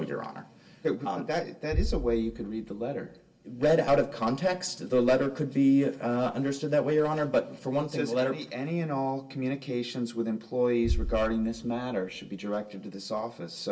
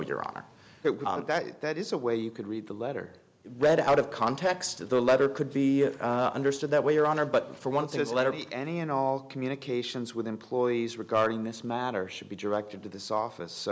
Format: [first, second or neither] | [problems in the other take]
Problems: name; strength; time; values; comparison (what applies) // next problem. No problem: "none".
second | background sound (Bass drum); 11 dB below the speech // room echo; dies away in 0.2 s